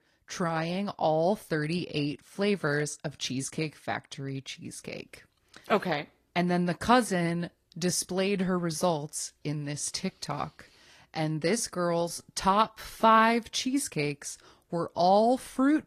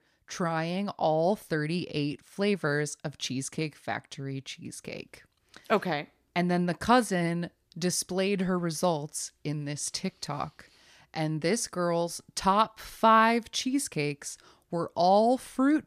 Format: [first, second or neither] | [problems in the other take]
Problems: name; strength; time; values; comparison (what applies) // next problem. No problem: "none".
second | garbled, watery; slightly; nothing above 14.5 kHz